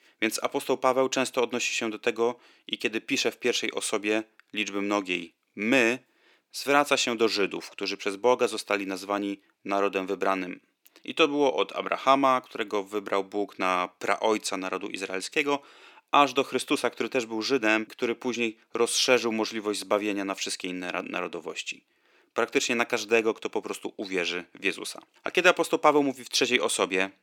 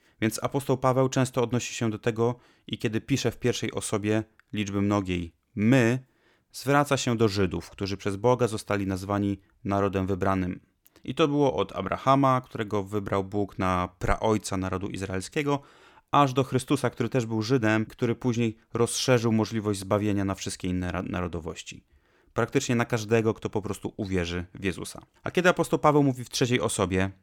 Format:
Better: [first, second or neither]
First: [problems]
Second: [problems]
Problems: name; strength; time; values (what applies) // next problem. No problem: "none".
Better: second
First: thin; somewhat; fading below 300 Hz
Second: none